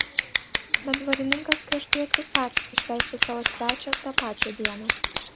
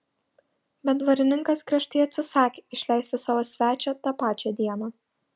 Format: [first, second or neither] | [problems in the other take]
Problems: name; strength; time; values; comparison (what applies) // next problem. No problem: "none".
second | background sound (Scissors); 4 dB above the speech